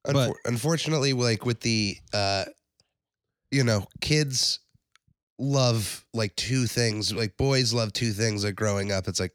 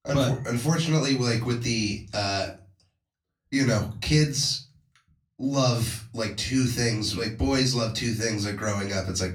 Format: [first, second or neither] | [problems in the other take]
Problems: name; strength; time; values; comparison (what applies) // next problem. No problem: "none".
first | off-mic speech; far // room echo; very slight; dies away in 0.3 s